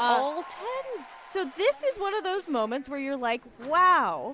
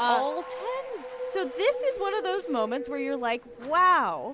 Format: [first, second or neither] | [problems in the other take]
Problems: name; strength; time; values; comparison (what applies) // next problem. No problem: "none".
first | background sound (Wind); 9 dB below the speech